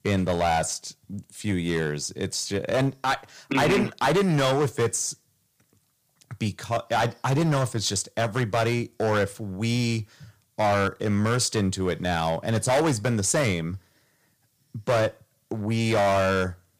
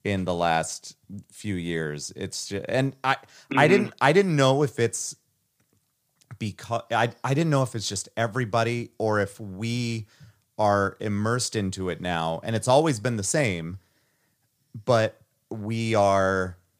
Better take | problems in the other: second | distortion; heavy; 9% of the sound clipped

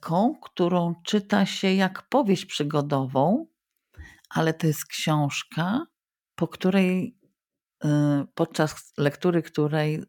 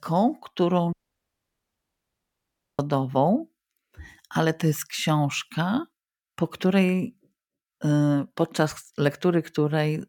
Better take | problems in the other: first | audio cutting out; at 1 s for 2 s

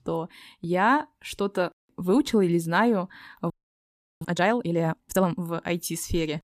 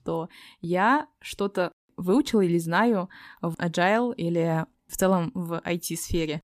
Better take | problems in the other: second | audio freezing; at 3.5 s for 0.5 s

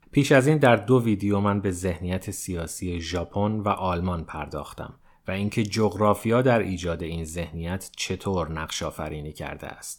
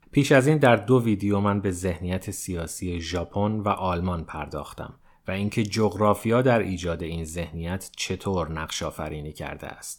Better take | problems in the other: neither | none

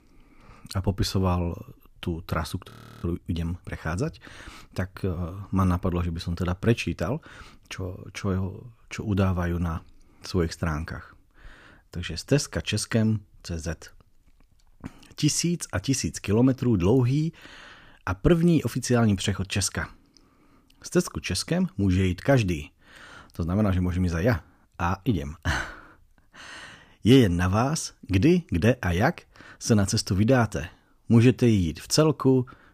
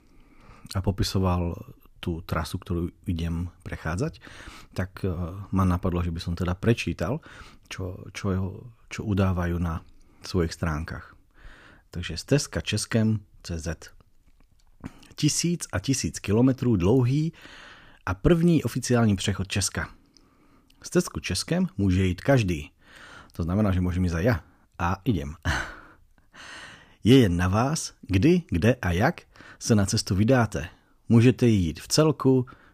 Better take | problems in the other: second | audio freezing; at 2.5 s

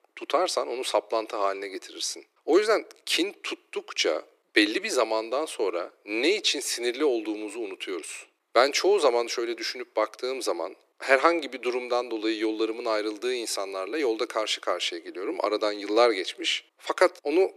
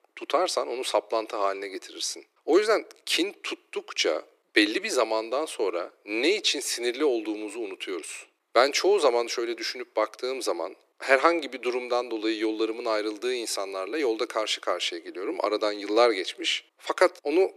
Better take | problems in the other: neither | thin; very; fading below 300 Hz; the same in both

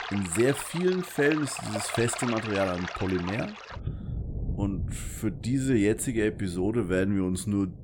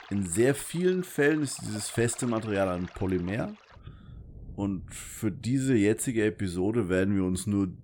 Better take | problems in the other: second | rain or running water; loud; throughout; 9 dB below the speech; faint in the second

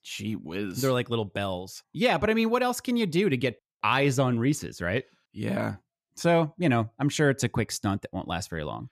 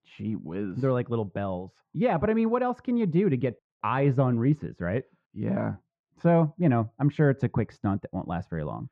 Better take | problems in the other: first | muffled; very; fading above 1.5 kHz

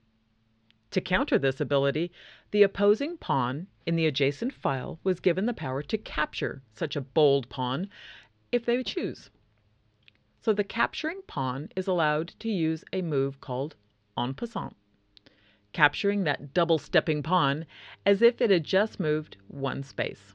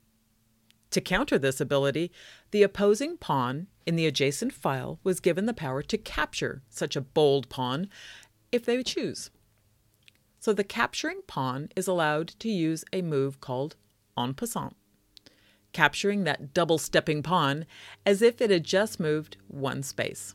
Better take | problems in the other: second | muffled; slightly; fading above 4 kHz

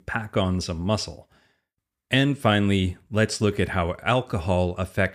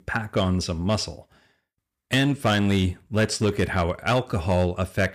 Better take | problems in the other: first | distortion; slight; 5% of the sound clipped

